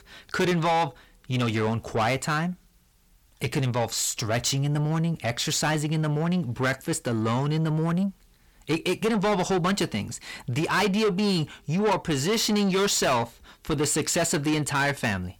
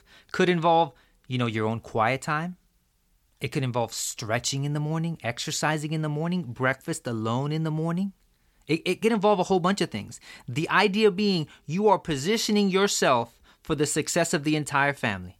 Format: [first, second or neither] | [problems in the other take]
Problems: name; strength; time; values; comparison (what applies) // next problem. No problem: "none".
second | distortion; heavy; 7 dB below the speech